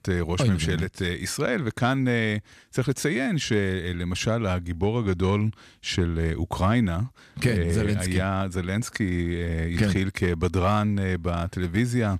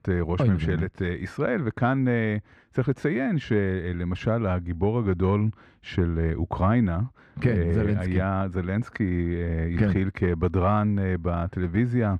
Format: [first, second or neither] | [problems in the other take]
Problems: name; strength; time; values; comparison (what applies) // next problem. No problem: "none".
first | muffled; very; fading above 3.5 kHz